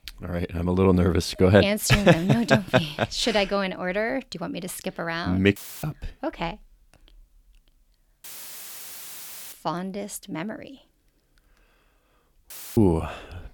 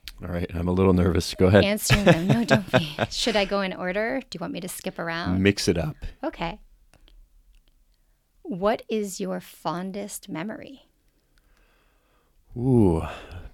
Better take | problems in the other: second | audio cutting out; filled with static; at 5.5 s, at 8 s for 1.5 s and at 13 s

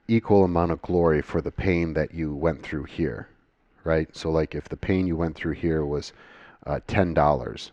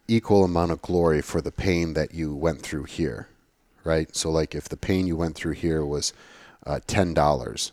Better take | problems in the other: second | muffled; slightly; fading above 2.5 kHz

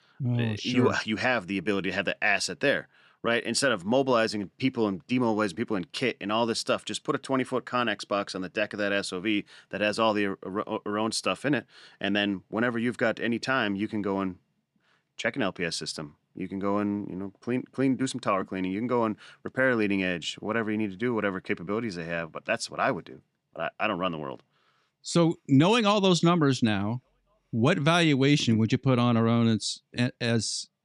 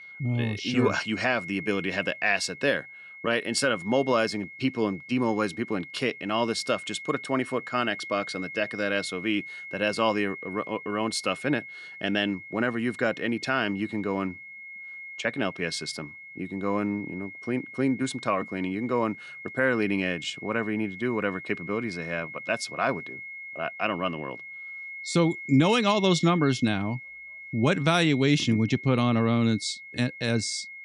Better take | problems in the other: first | high-pitched whine; noticeable; throughout; 2 kHz, 10 dB below the speech

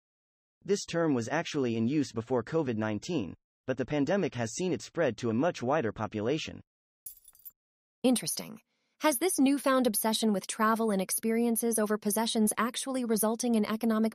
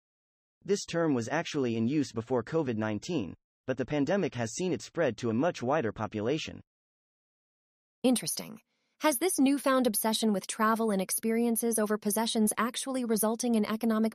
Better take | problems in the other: second | jangling keys; faint; at 7 s; peak 15 dB below the speech

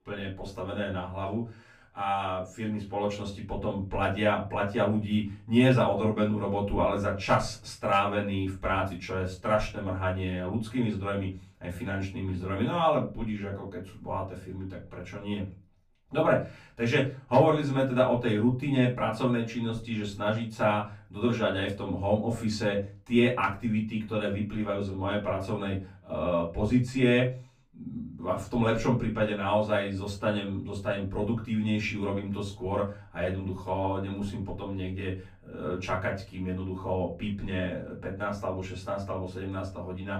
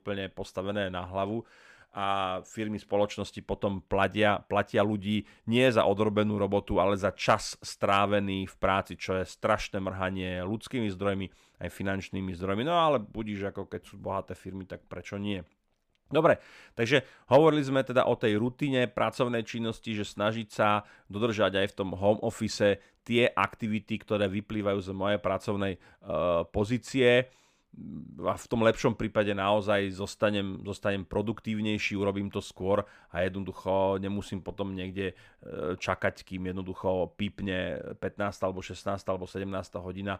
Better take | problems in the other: second | off-mic speech; far // room echo; slight; dies away in 0.3 s

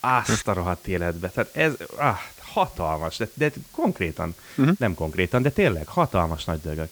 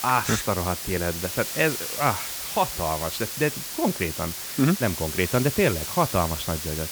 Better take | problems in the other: first | hiss; loud; throughout; 4 dB below the speech; faint in the first

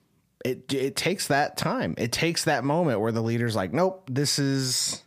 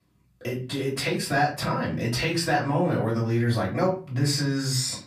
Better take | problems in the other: first | off-mic speech; far // room echo; slight; dies away in 0.4 s

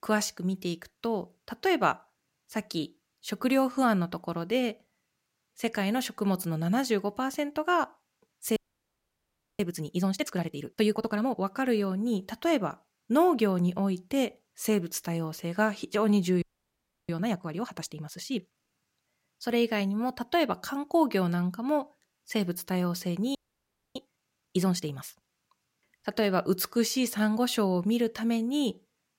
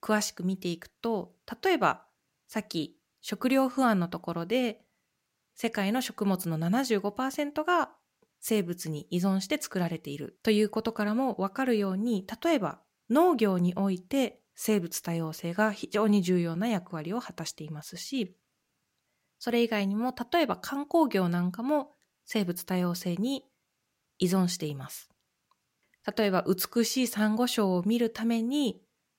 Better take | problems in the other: second | audio freezing; at 8.5 s for 1 s, at 16 s for 0.5 s and at 23 s for 0.5 s

